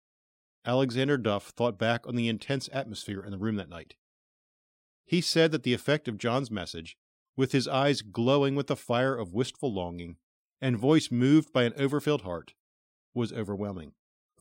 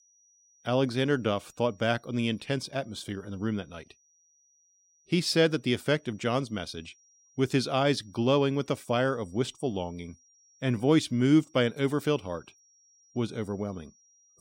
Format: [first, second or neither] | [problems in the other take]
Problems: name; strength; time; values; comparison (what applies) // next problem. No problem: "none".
first | high-pitched whine; faint; throughout; 5.5 kHz, 35 dB below the speech